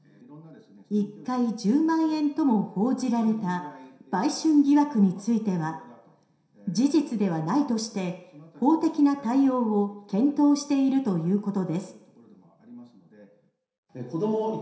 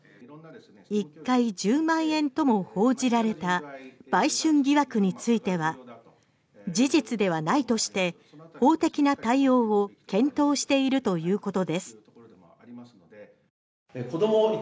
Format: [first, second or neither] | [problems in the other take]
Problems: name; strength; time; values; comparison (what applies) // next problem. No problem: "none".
second | room echo; dies away in 0.7 s